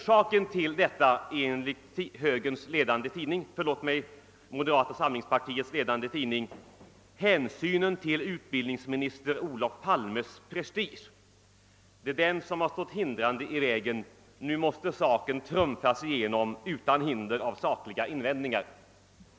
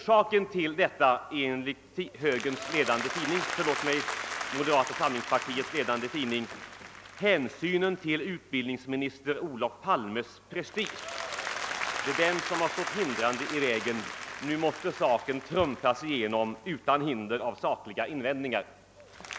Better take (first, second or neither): first